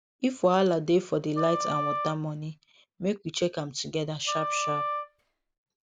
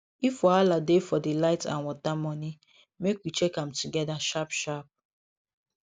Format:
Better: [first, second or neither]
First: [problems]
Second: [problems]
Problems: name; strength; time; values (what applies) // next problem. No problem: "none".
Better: second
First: background sound (Wind instrument, woodwind instrument); 4 dB below the speech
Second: none